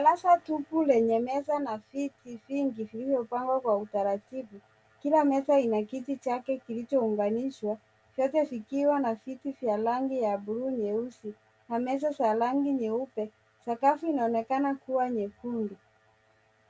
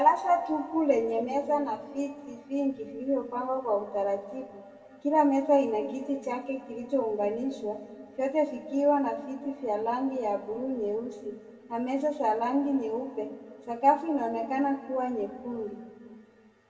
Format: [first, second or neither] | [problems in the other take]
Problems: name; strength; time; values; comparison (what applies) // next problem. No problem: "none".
first | room echo; dies away in 1.8 s